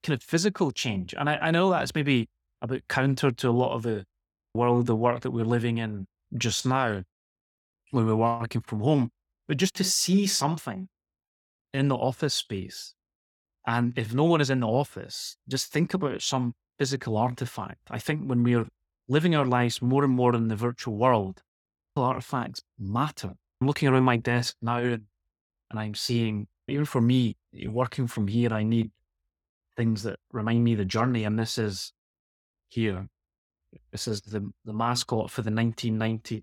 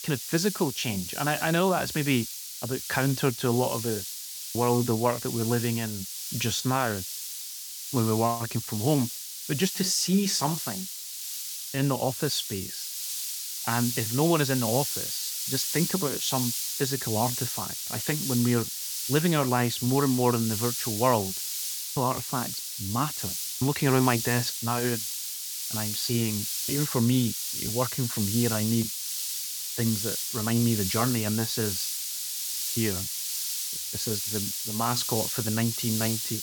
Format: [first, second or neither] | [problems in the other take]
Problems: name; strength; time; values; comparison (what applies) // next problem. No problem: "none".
first | hiss; loud; throughout; 3 dB below the speech